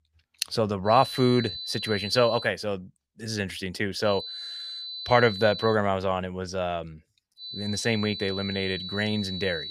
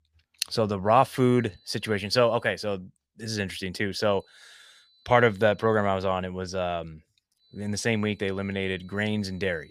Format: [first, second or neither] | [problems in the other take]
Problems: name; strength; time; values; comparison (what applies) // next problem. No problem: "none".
second | high-pitched whine; loud; from 1 to 2.5 s, from 4 to 5.5 s and from 7.5 s on; 4 kHz, 8 dB below the speech; faint in the second